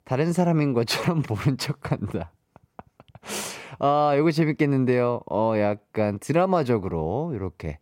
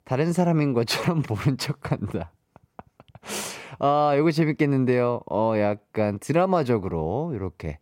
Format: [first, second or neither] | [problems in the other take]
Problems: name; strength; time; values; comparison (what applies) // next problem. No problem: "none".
neither | none